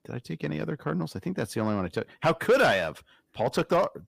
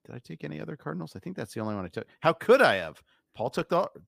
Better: second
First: distortion; heavy; 7 dB below the speech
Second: none

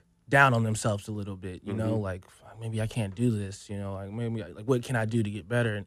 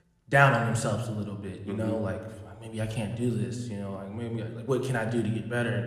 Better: first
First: none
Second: room echo; slight; dies away in 0.9 s

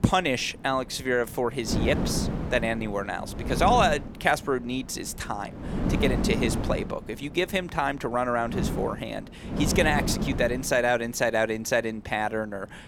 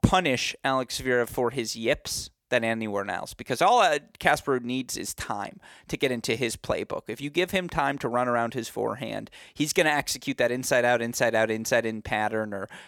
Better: second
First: wind noise on the microphone; heavy; 9 dB below the speech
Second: none

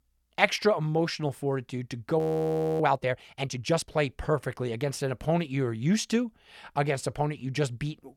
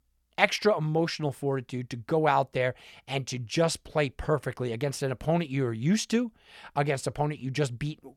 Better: second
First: audio freezing; at 2 s for 0.5 s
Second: none

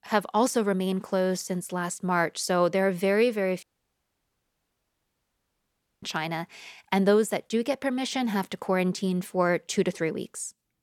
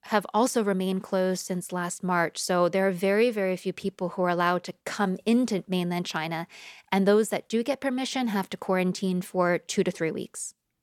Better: second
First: audio cutting out; at 3.5 s for 2.5 s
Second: none

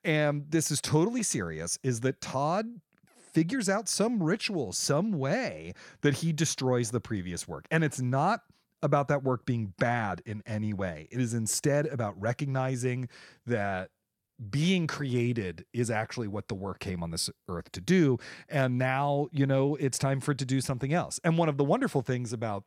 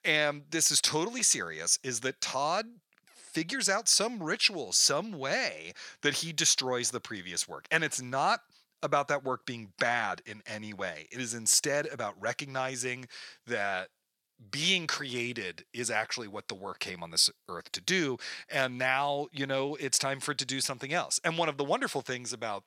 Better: first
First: none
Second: thin; somewhat; fading below 950 Hz

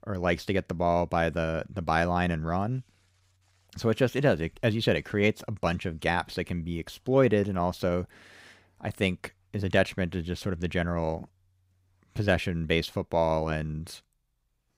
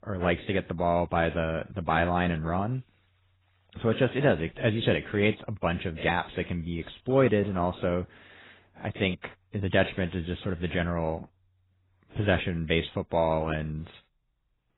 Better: first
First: none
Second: garbled, watery; badly; nothing above 4 kHz

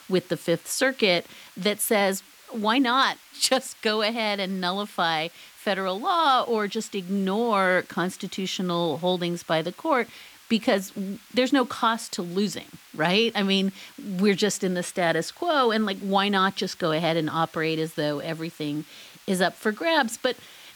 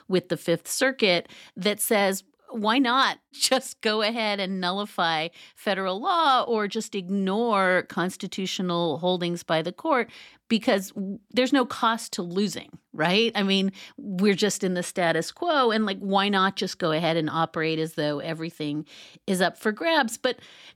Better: second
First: hiss; faint; throughout; 25 dB below the speech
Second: none

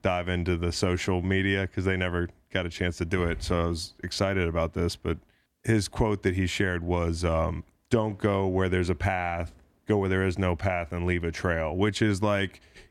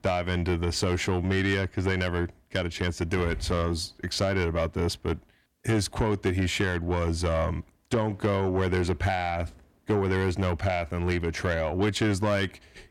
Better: first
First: none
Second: distortion; slight; 10 dB below the speech

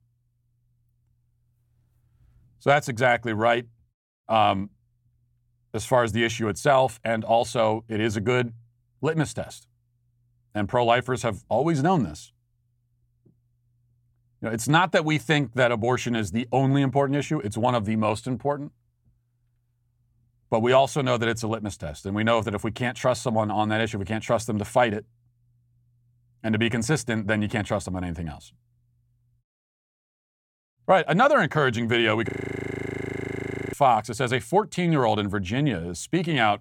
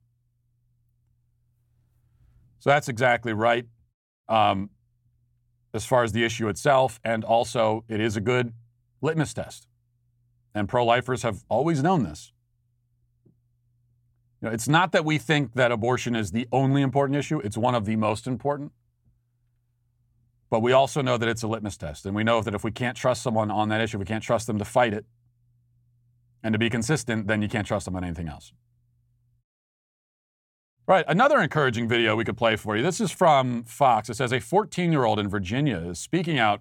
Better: second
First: audio freezing; at 32 s for 1.5 s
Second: none

